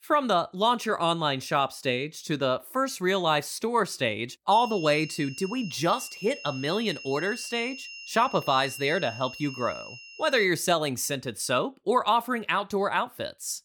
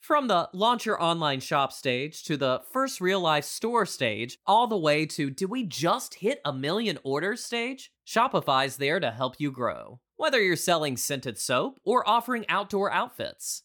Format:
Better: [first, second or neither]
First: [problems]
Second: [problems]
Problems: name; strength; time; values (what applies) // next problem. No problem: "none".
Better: second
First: high-pitched whine; noticeable; from 4.5 to 10 s; 3 kHz, 15 dB below the speech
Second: none